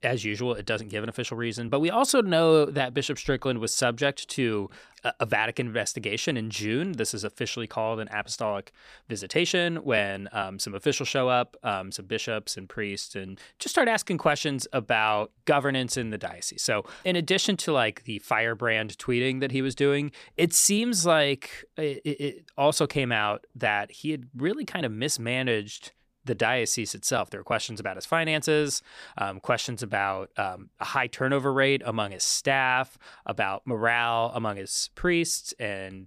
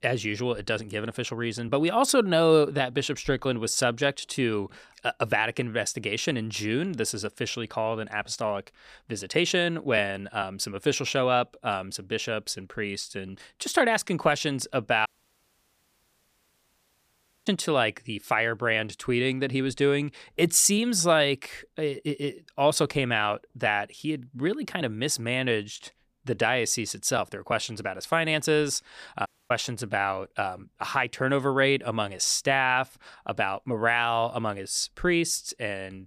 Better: first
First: none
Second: audio cutting out; at 15 s for 2.5 s and at 29 s

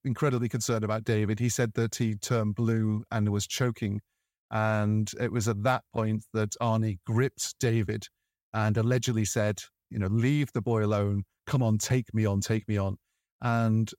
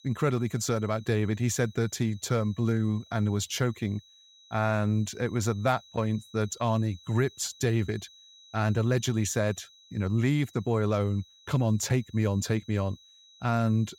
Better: first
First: none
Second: high-pitched whine; faint; throughout; 4 kHz, 25 dB below the speech

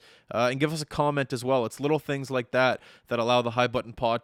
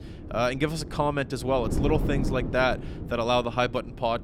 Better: first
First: none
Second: wind noise on the microphone; occasional gusts; 15 dB below the speech

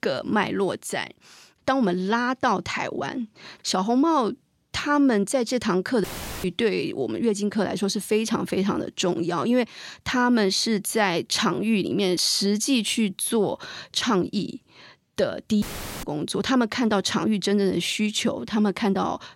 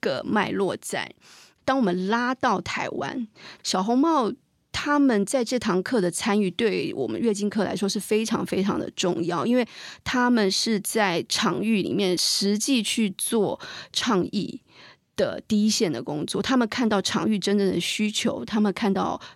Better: second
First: audio cutting out; filled with static; at 6 s and at 16 s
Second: none

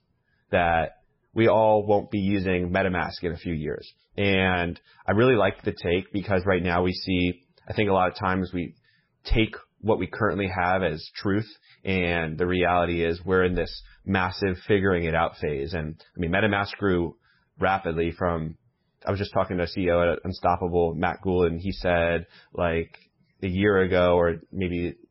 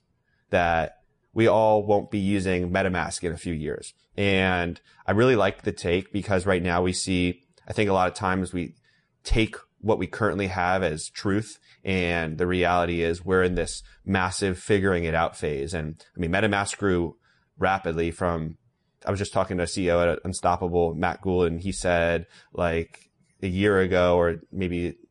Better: second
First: garbled, watery; badly; nothing above 5.5 kHz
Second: garbled, watery; slightly; nothing above 10 kHz

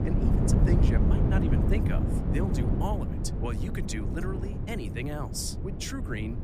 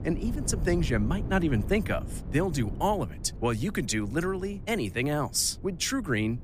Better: second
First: wind noise on the microphone; heavy; as loud as the speech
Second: wind noise on the microphone; occasional gusts; 15 dB below the speech

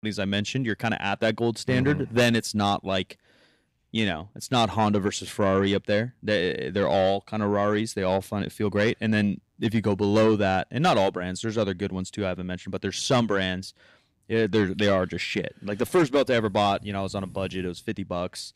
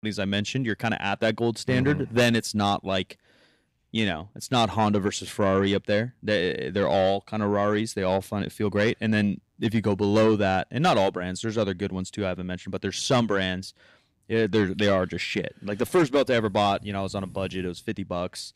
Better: neither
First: distortion; slight; 10 dB below the speech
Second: distortion; slight; 10 dB below the speech

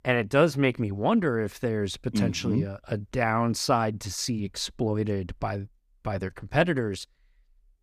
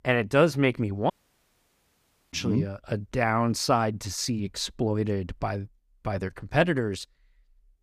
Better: first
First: none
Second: audio cutting out; at 1 s for 1 s

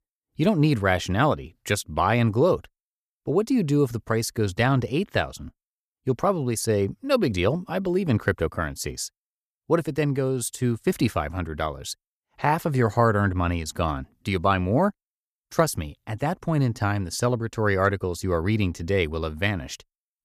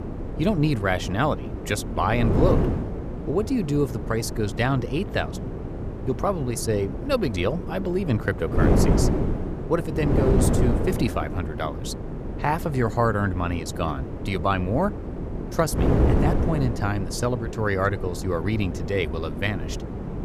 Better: first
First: none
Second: wind noise on the microphone; heavy; 6 dB below the speech

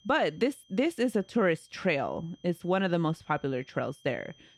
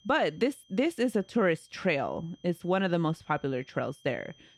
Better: neither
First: high-pitched whine; faint; throughout; 3 kHz, 30 dB below the speech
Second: high-pitched whine; faint; throughout; 3 kHz, 30 dB below the speech

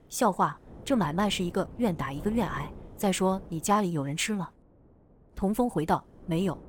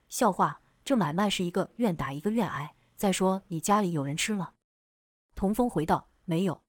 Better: second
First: wind noise on the microphone; occasional gusts; 20 dB below the speech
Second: none

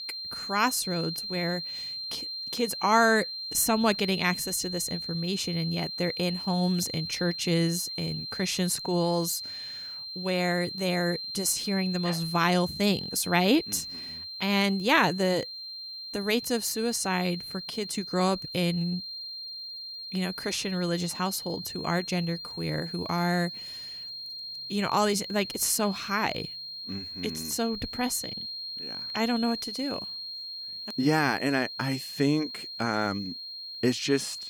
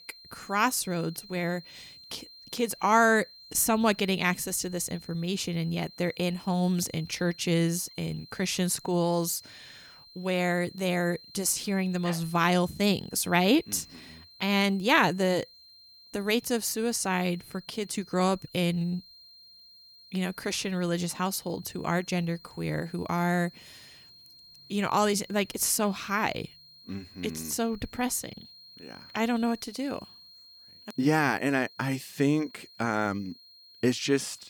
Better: second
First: high-pitched whine; loud; throughout; 4 kHz, 7 dB below the speech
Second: high-pitched whine; faint; throughout; 4 kHz, 20 dB below the speech

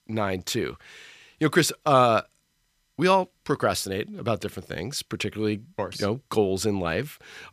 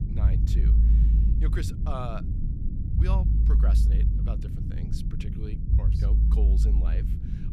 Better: first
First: none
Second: low rumble; loud; throughout; 1 dB below the speech

